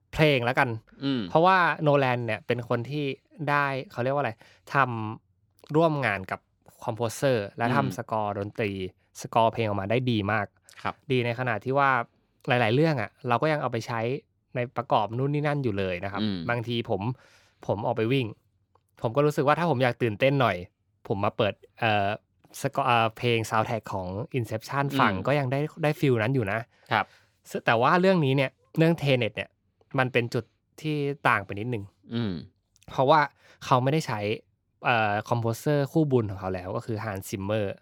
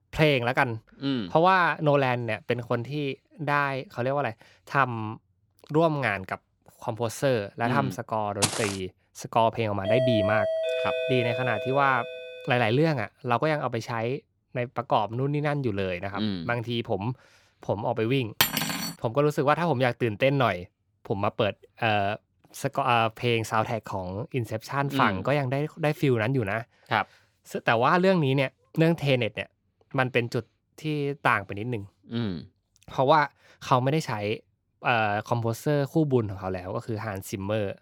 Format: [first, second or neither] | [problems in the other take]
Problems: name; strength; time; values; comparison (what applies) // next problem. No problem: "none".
first | footsteps; loud; at 8.5 s; peak level with the speech // doorbell; loud; from 10 to 12 s; peak 2 dB above the speech // clattering dishes; loud; at 18 s; peak 3 dB above the speech